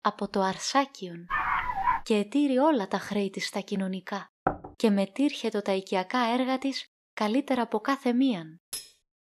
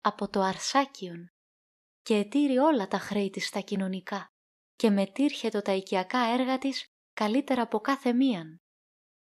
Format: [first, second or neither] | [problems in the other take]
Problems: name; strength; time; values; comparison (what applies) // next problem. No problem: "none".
second | dog barking; loud; at 1.5 s; peak 1 dB above the speech // door banging; noticeable; at 4.5 s; peak 5 dB below the speech // clattering dishes; faint; at 8.5 s; peak 10 dB below the speech